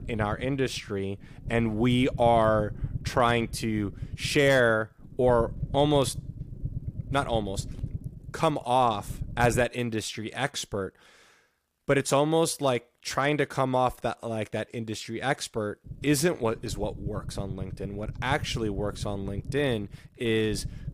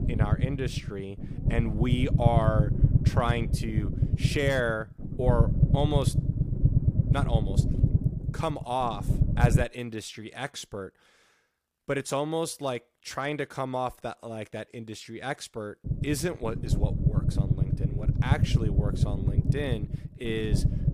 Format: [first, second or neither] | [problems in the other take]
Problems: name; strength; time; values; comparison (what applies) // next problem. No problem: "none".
first | low rumble; loud; until 9.5 s and from 16 s on; 6 dB below the speech; faint in the first